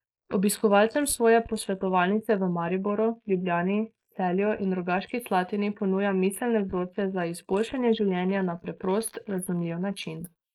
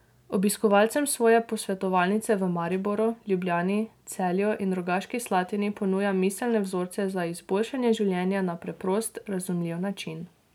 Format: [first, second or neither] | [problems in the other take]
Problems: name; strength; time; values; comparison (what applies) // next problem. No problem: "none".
second | noise reduction (neural mask model Resemble Enhance denoiser)